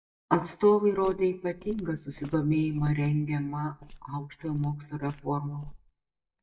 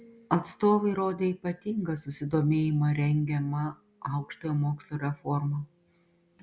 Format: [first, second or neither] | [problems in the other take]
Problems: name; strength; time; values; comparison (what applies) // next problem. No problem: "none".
second | noise reduction (neural mask model DeepFilterNet 3)